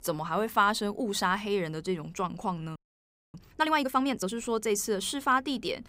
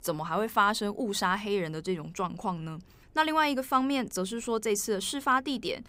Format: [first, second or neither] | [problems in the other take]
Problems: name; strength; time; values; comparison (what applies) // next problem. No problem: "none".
second | audio freezing; at 3 s for 0.5 s